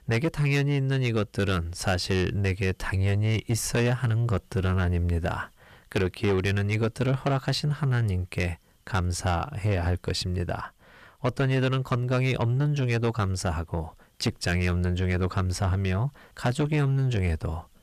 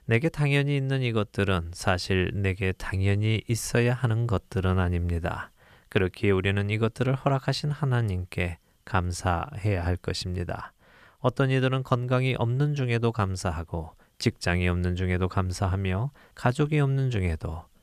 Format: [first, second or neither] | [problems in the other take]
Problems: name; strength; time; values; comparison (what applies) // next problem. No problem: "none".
second | distortion; slight; 10 dB below the speech